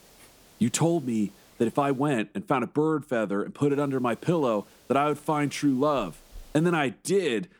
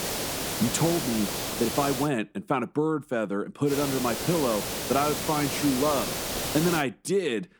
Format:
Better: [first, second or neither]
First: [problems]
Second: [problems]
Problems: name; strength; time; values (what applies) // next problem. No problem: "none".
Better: first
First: hiss; faint; until 2 s and from 3.5 to 7 s; 30 dB below the speech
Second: hiss; loud; until 2 s and from 3.5 to 7 s; 2 dB below the speech